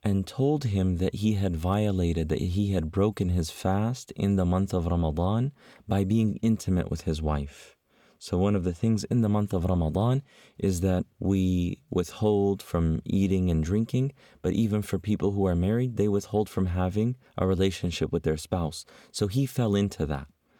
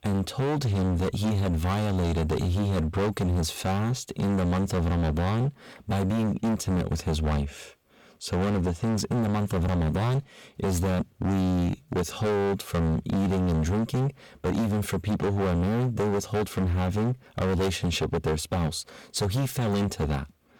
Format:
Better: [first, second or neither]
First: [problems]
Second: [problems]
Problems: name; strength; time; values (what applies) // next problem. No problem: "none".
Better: first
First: none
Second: distortion; heavy; 31% of the sound clipped